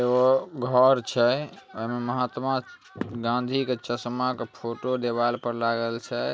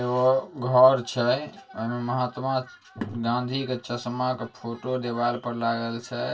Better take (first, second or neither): first